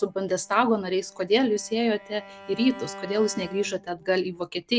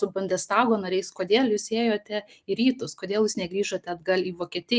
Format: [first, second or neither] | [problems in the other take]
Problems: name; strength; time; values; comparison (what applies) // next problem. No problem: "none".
second | background sound (Bowed string instrument); 19 dB below the speech